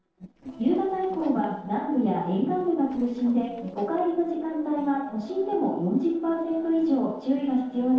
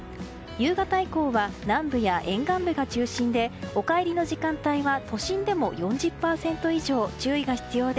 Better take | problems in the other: second | noise reduction (neural separator model SepFormer DNS4)

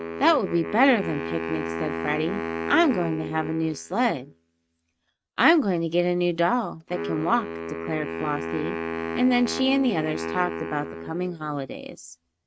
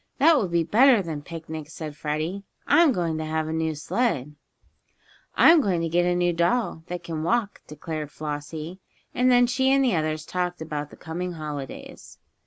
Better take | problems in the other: second | noise reduction (neural mask model RNNoise)

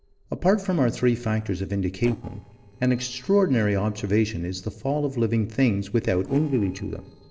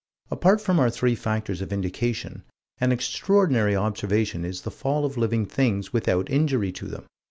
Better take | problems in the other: second | noise reduction (neural separator model SepFormer DNS4)

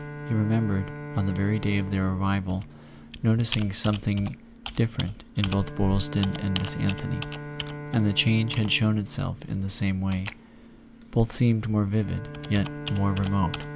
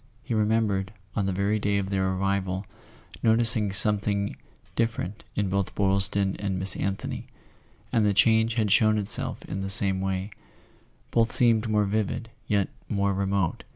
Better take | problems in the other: second | background sound (Computer keyboard + Bowed string instrument); 11 dB below the speech

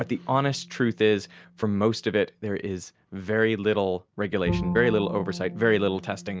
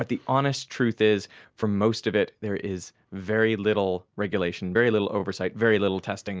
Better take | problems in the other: second | background sound (Bowed string instrument); 12 dB below the speech

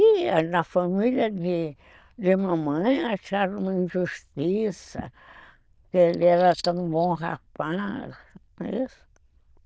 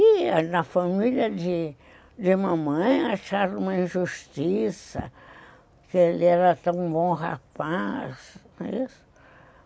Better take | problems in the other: second | noise reduction (neural diffusion model UNIVERSE++)

